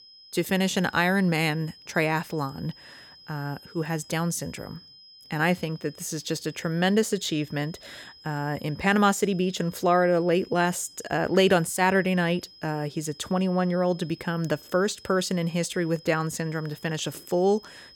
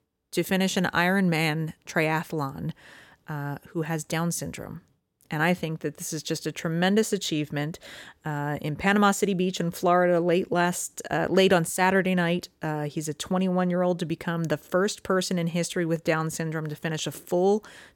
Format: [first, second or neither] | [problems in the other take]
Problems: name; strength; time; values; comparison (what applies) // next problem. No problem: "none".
second | high-pitched whine; faint; throughout; 5 kHz, 20 dB below the speech